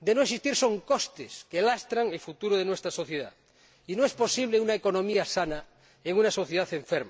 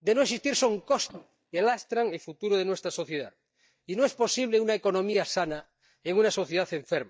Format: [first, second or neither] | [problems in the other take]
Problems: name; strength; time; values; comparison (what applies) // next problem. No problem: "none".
first | noise reduction (neural mask model DeepFilterNet 3)